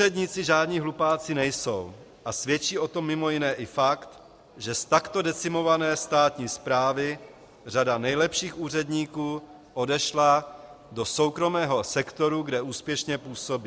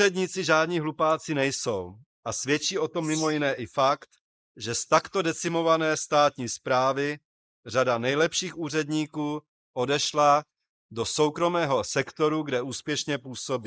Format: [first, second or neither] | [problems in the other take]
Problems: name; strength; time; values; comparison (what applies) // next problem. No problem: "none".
first | noise reduction (neural mask model Resemble Enhance denoiser)